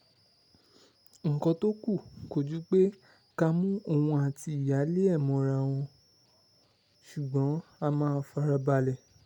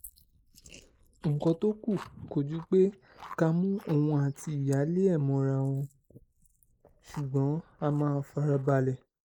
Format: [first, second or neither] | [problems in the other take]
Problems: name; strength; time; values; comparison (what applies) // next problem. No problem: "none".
first | noise reduction (neural mask model Resemble Enhance denoiser)